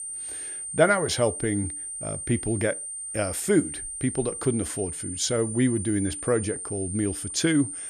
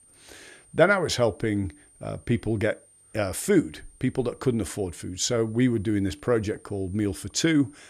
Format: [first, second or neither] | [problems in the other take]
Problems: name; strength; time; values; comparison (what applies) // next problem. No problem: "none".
second | high-pitched whine; loud; throughout; 9 kHz, 6 dB below the speech; faint in the second